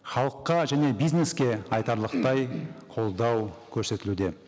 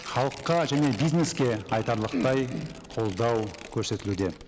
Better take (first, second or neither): first